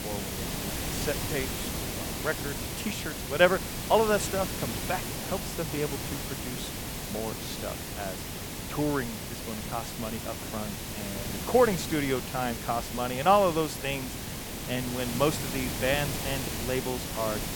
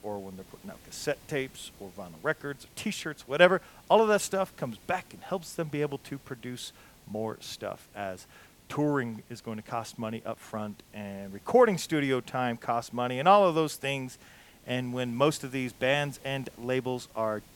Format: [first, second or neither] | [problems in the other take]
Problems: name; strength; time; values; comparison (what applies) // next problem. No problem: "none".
second | hiss; loud; throughout; 4 dB below the speech; faint in the second